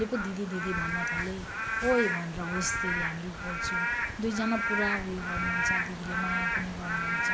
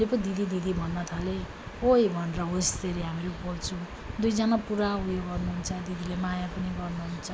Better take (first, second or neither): second